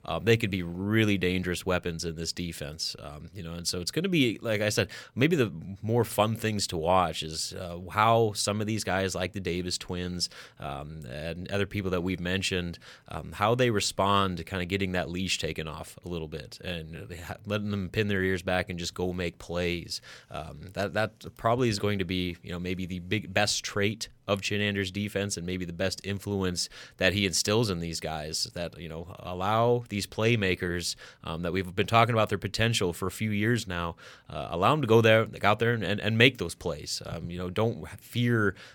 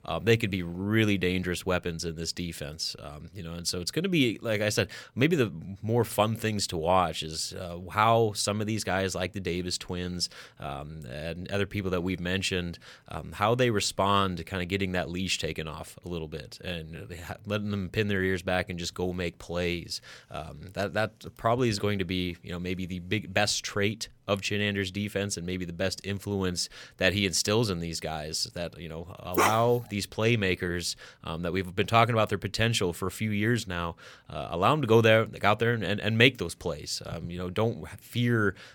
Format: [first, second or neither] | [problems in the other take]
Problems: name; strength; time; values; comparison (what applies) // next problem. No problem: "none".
first | dog barking; loud; at 29 s; peak 2 dB above the speech